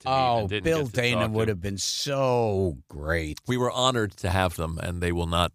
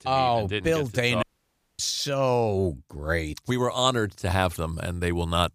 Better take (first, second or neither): first